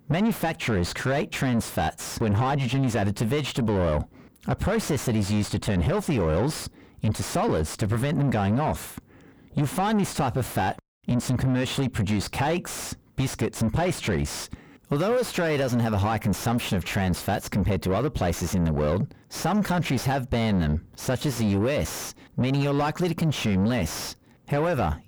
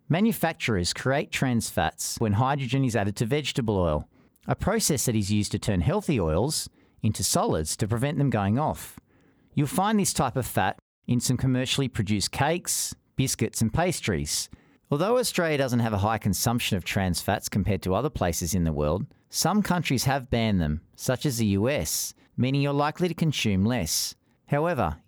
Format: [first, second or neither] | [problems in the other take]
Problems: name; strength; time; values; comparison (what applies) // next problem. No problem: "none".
second | distortion; heavy; 7 dB below the speech